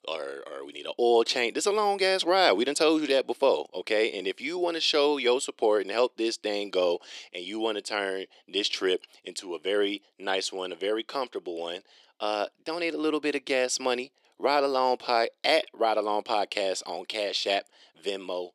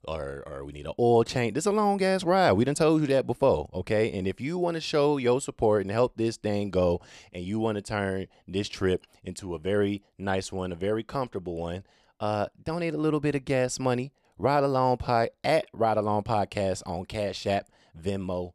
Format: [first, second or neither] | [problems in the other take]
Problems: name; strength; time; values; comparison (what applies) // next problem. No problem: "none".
second | thin; somewhat; fading below 300 Hz